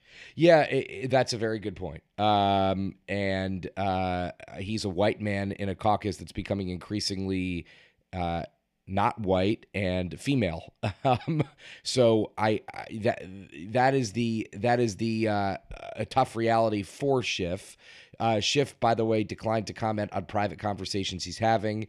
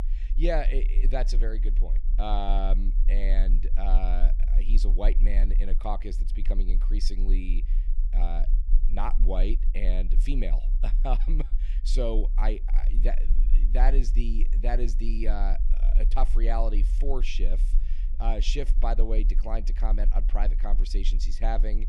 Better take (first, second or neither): first